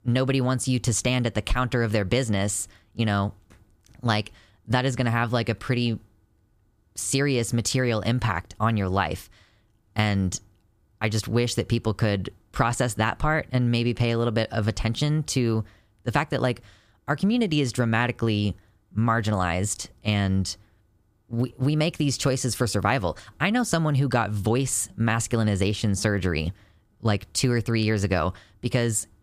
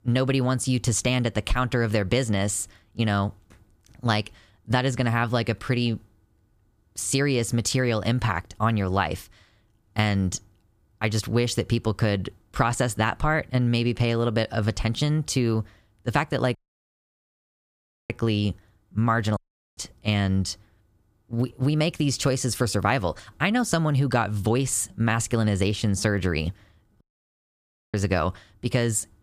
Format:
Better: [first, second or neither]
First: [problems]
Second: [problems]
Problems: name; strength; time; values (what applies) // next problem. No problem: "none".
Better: first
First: none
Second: audio cutting out; at 17 s for 1.5 s, at 19 s and at 27 s for 1 s